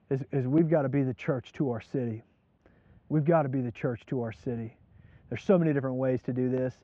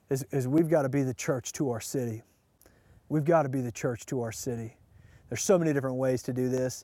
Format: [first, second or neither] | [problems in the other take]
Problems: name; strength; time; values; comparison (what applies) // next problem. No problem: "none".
second | muffled; very; fading above 3 kHz